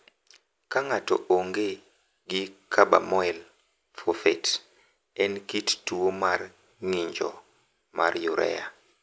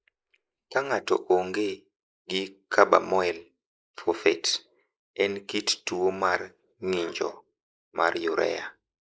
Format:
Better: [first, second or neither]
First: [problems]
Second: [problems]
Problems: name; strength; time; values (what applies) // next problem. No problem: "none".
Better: first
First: none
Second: noise reduction (neural mask model Resemble Enhance denoiser)